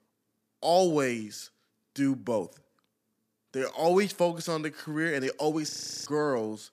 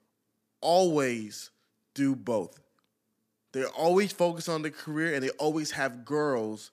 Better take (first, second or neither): second